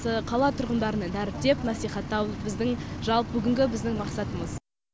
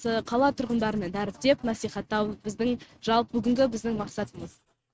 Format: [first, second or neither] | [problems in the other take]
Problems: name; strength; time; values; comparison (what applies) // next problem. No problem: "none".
first | noise reduction (neural mask model RNNoise)